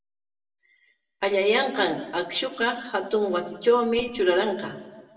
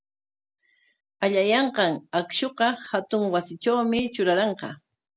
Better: second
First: room echo; dies away in 1.1 s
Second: none

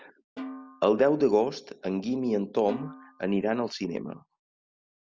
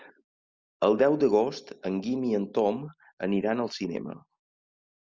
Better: second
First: background sound (Snare drum); 17 dB below the speech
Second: none

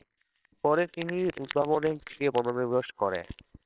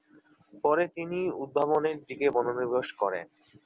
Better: second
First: noise reduction (neural separator model SepFormer WHAMR!)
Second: none

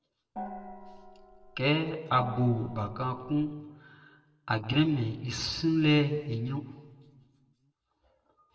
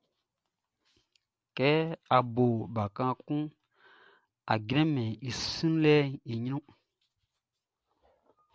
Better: second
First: background sound (Gong); 12 dB below the speech // room echo; dies away in 1.3 s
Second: none

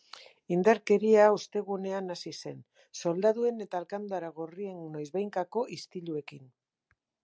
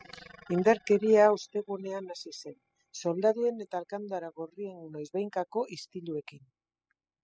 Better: first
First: none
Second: noise reduction (classical method spectral subtraction)

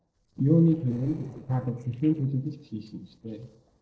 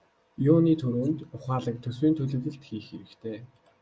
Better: second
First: noise reduction (neural separator model SepFormer DNS4)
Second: none

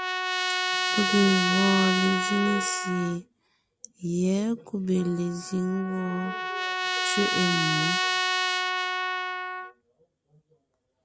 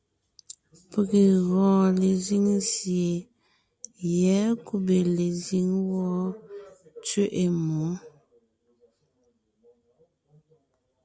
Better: second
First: background sound (Trumpet); as loud as the speech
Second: none

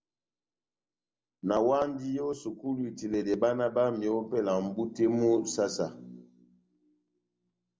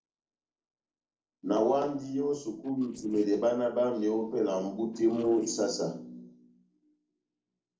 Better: first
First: none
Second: noise reduction (neural separator model SepFormer DNS4)

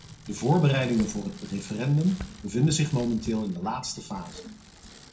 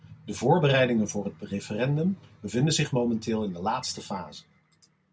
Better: second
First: background sound (Bicycle); 17 dB below the speech // room echo; dies away in 0.3 s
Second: none

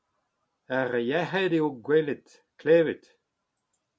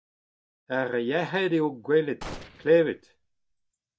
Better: first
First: none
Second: noise reduction (neural mask model DeepFilterNet 3)

